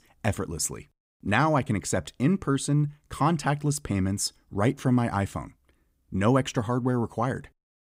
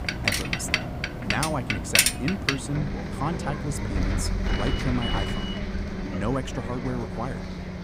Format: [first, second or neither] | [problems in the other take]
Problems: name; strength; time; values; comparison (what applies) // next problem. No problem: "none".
first | traffic noise; very loud; throughout; 4 dB above the speech